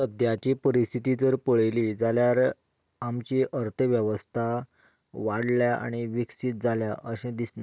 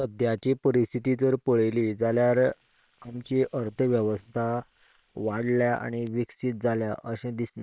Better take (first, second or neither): first